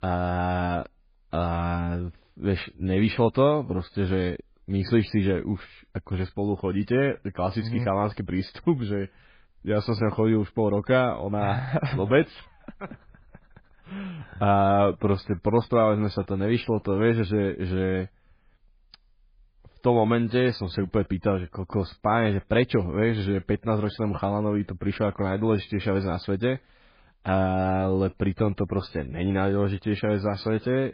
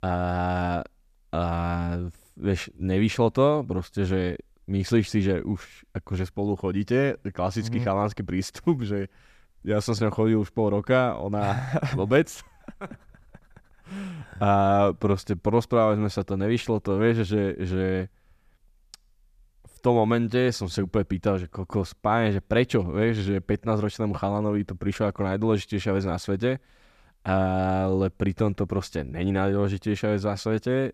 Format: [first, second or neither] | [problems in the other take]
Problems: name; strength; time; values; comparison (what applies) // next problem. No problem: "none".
second | garbled, watery; badly